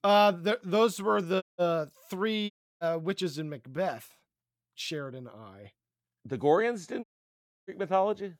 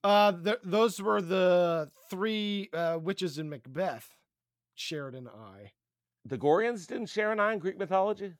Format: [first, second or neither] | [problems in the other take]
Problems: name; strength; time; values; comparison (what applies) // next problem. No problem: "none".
second | audio cutting out; at 1.5 s, at 2.5 s and at 7 s for 0.5 s